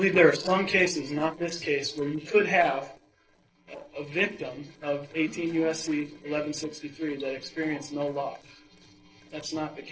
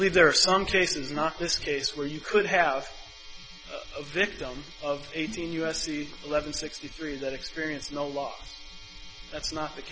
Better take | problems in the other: second | noise reduction (neural separator model SepFormer DNS4)

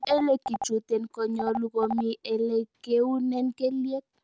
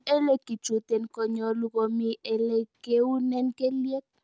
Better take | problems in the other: second | background sound (Telephone); 10 dB below the speech

